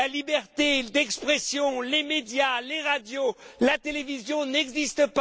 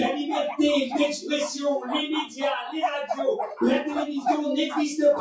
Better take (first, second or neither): first